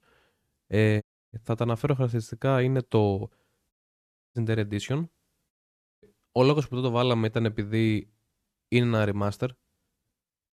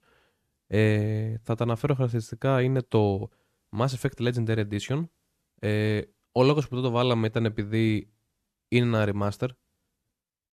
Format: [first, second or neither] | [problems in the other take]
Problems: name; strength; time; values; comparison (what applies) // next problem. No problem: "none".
second | audio cutting out; at 1 s, at 3.5 s for 0.5 s and at 5.5 s for 0.5 s